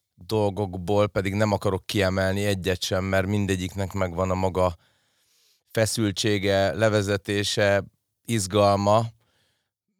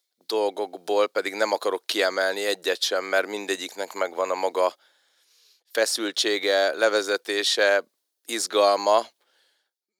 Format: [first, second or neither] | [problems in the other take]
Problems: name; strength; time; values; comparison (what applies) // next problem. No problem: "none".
first | thin; very; fading below 350 Hz